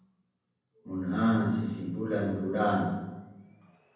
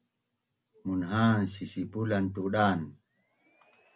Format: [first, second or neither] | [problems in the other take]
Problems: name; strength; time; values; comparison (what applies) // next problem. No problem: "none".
second | room echo; dies away in 1.1 s